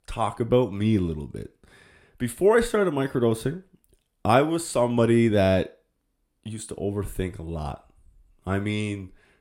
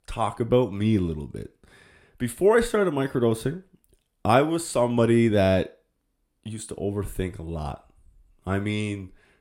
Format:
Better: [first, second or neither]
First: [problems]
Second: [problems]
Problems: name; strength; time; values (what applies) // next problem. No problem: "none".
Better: neither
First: none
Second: none